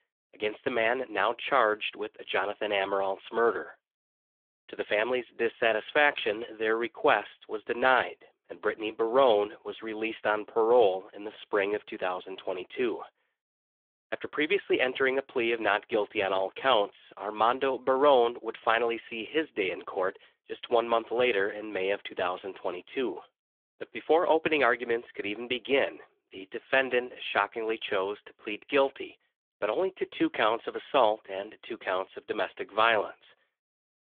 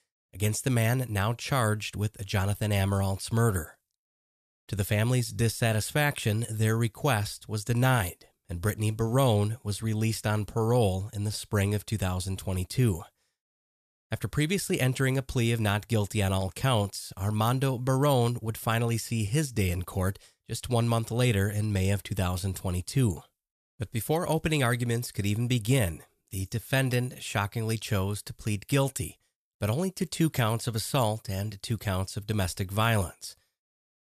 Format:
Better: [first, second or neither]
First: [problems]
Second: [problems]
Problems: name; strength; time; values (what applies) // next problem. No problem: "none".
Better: second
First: phone-call audio; nothing above 3.5 kHz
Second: none